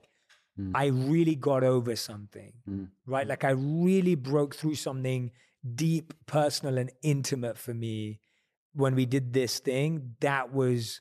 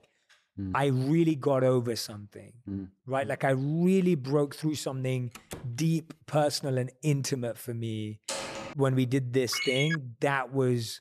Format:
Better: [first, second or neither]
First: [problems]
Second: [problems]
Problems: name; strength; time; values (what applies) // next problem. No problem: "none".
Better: first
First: none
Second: door banging; faint; at 5.5 s; peak 15 dB below the speech // door banging; noticeable; at 8.5 s; peak 6 dB below the speech // phone ringing; noticeable; at 9.5 s; peak 1 dB below the speech